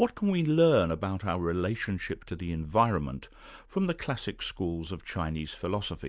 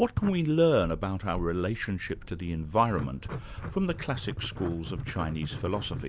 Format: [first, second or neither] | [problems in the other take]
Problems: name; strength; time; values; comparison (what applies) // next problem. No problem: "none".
first | background sound (Writing); 10 dB below the speech